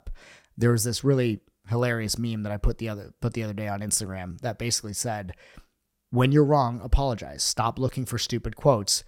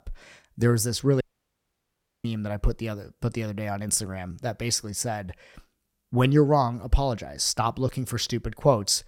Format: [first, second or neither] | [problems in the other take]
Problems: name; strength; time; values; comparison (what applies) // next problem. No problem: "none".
first | audio cutting out; at 1 s for 1 s